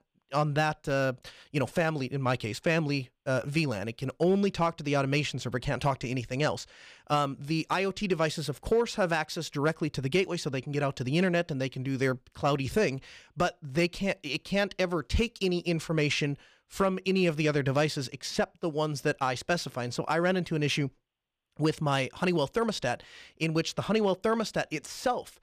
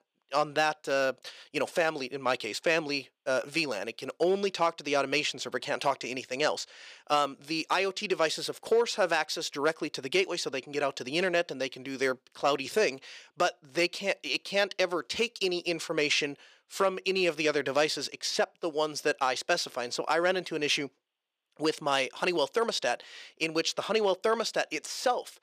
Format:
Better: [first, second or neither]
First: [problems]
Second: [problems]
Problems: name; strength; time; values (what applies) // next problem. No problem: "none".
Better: first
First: none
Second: thin; somewhat; fading below 400 Hz